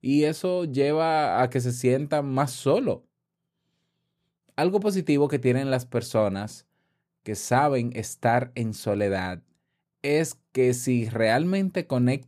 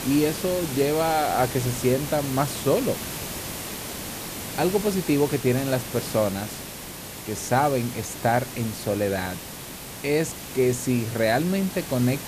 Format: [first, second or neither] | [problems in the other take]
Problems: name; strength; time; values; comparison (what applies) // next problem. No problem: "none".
first | hiss; loud; throughout; 8 dB below the speech